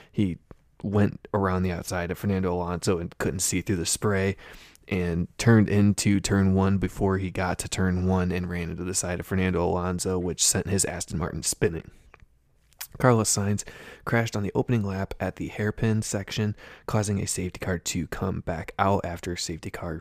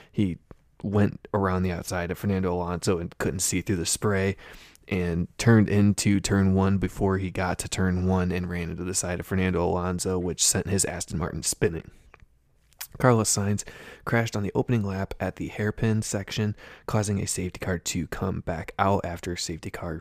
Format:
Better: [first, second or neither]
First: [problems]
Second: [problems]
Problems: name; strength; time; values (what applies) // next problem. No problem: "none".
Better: neither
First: none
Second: none